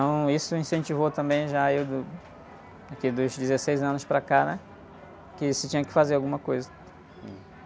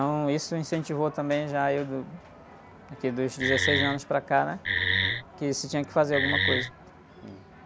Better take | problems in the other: first | background sound (Wood); 3 dB above the speech

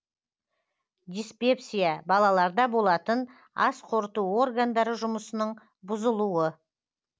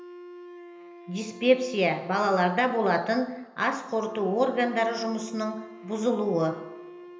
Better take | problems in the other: first | background sound (Wind instrument, woodwind instrument); 18 dB below the speech // room echo; dies away in 0.8 s

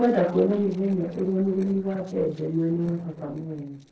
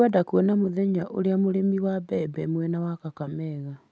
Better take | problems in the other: second | noise reduction (neural separator model SepFormer DNS4)

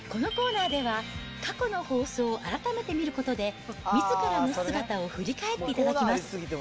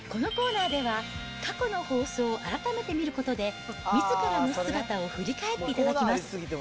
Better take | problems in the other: first | background sound (Trumpet); 15 dB below the speech

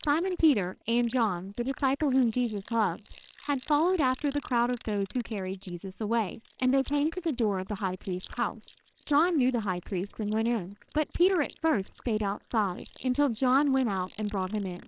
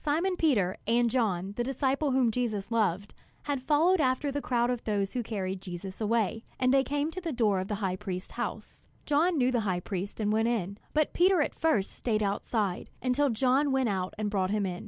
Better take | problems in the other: second | noise reduction (neural separator model SepFormer WHAMR!)

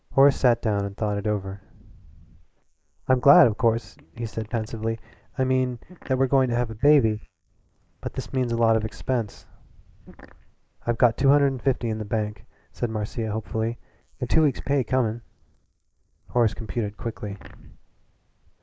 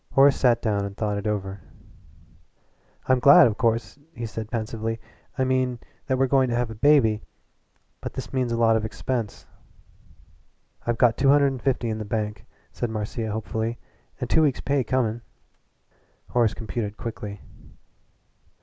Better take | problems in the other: second | noise reduction (neural mask model Resemble Enhance denoiser)

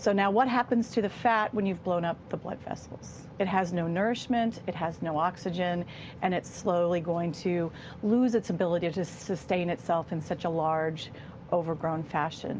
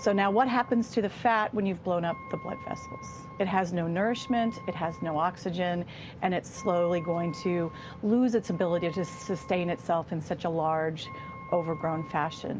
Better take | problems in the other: first | background sound (Wind instrument, woodwind instrument); 19 dB below the speech

